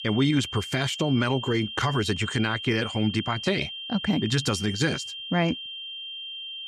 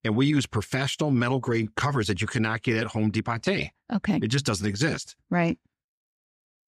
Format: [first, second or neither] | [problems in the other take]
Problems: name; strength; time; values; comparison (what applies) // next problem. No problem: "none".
second | high-pitched whine; loud; throughout; 3 kHz, 8 dB below the speech